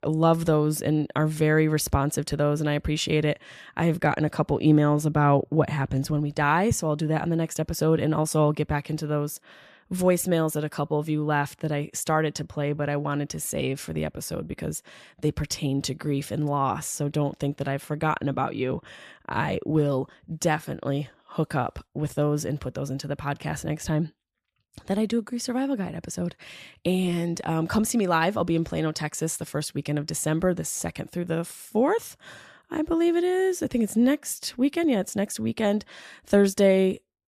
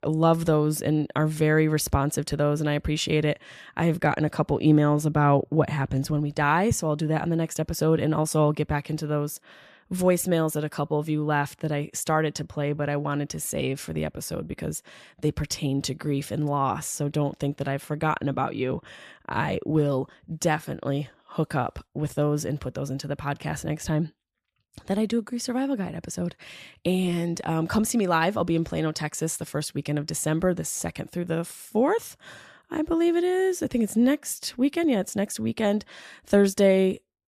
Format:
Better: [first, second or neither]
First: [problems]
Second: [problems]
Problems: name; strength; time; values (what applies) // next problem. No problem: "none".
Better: neither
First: none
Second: none